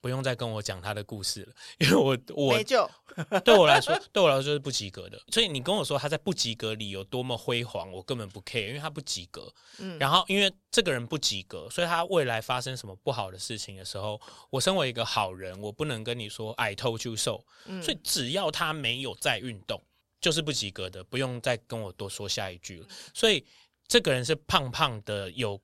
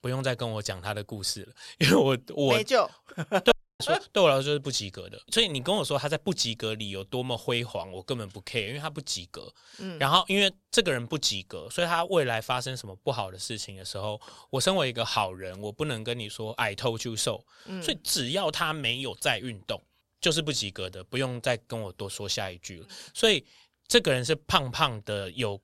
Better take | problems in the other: first | audio cutting out; at 3.5 s

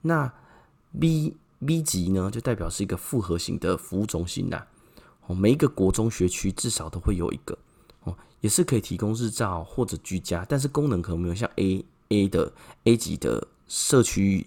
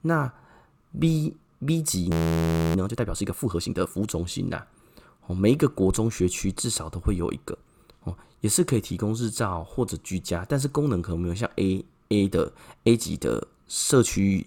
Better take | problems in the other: first | audio freezing; at 2 s for 0.5 s

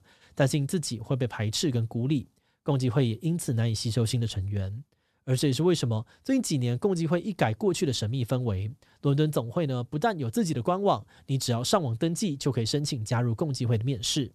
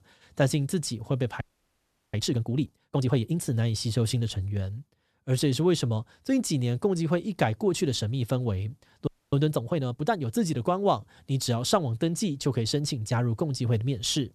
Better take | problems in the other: first | audio freezing; at 1.5 s for 0.5 s and at 9 s

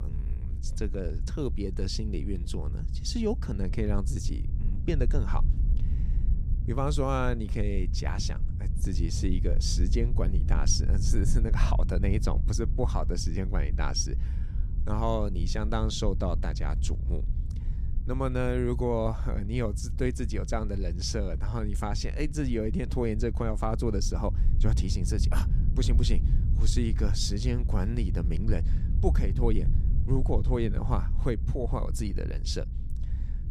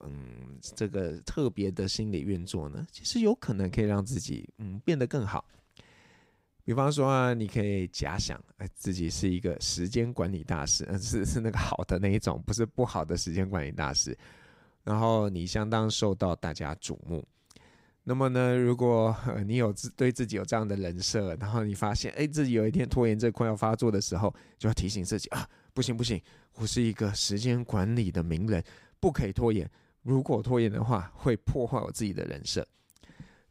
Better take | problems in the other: second | low rumble; noticeable; throughout; 15 dB below the speech

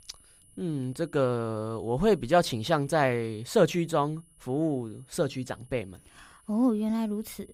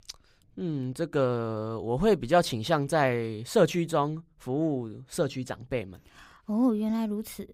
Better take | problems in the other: second | high-pitched whine; faint; throughout; 10 kHz, 30 dB below the speech

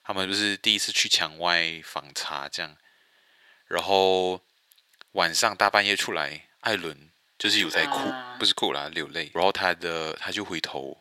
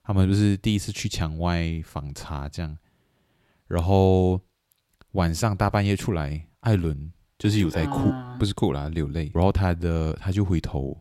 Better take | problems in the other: second | thin; very; fading below 550 Hz

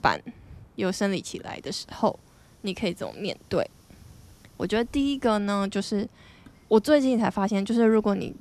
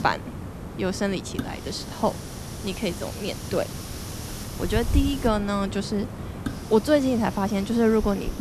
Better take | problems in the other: first | hiss; loud; throughout; 8 dB below the speech; faint in the first

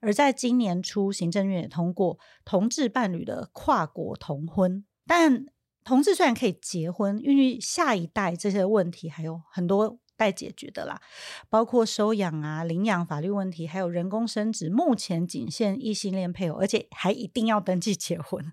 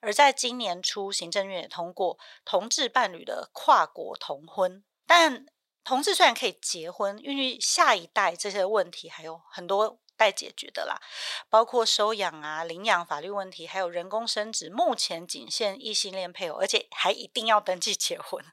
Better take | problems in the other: first | thin; very; fading below 750 Hz

